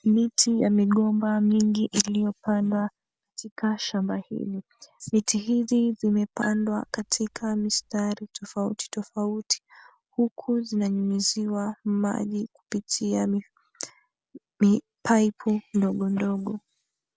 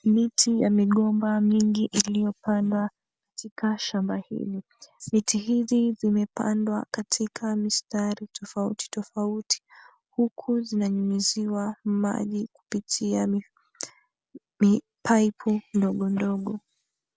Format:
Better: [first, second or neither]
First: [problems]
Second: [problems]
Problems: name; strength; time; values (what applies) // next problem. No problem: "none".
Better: second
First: background sound (Marimba, xylophone); 17 dB below the speech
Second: none